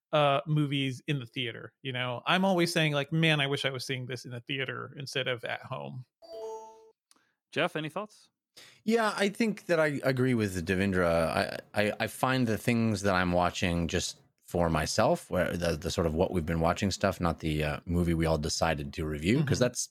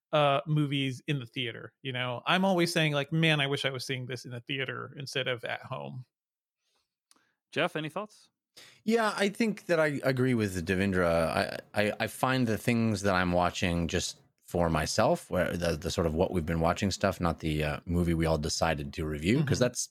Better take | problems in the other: second | alarm; faint; at 6 s; peak 10 dB below the speech

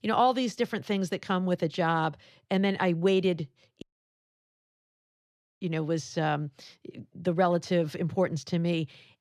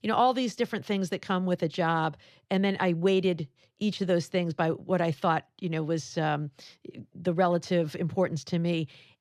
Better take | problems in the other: second | audio cutting out; at 4 s for 2 s

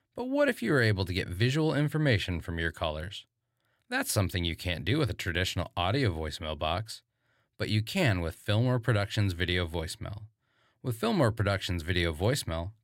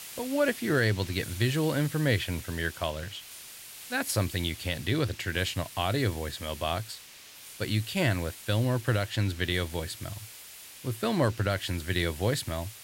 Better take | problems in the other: first | hiss; noticeable; throughout; 15 dB below the speech

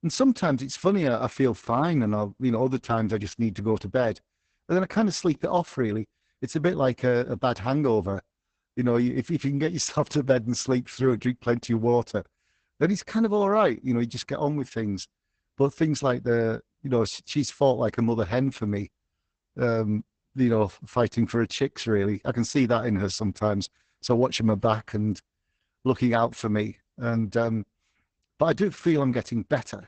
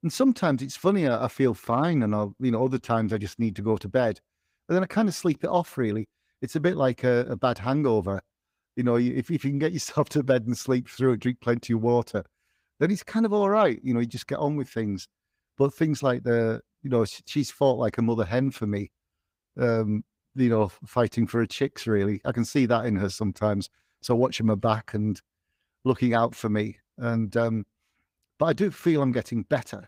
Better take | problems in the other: second | garbled, watery; badly; nothing above 8 kHz; slightly in the second

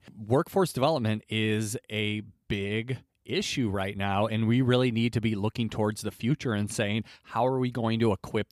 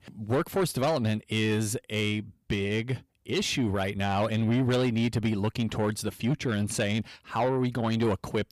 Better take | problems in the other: first | distortion; slight; 10 dB below the speech

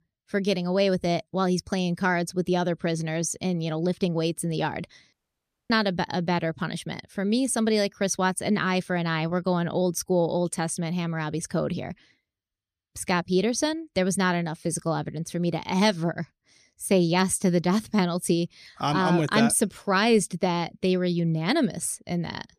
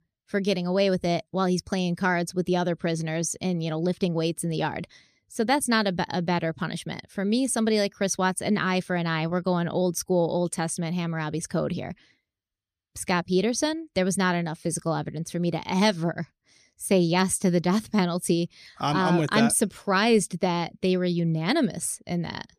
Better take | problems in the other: second | audio cutting out; at 5 s for 0.5 s

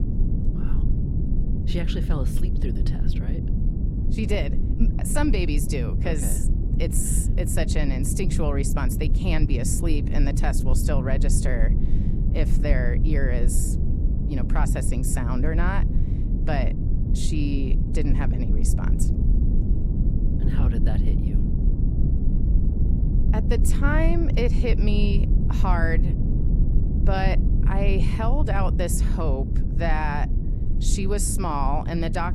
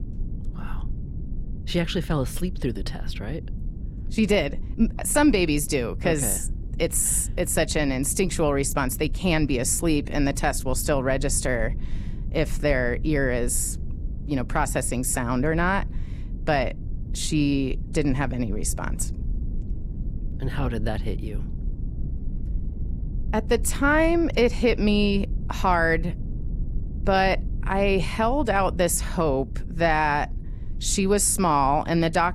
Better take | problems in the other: second | low rumble; loud; throughout; 7 dB below the speech; faint in the second

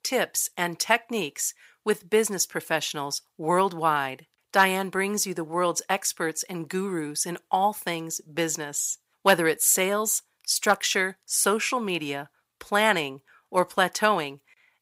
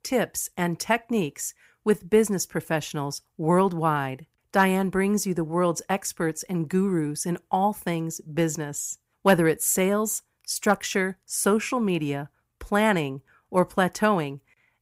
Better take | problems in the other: second | thin; somewhat; fading below 650 Hz

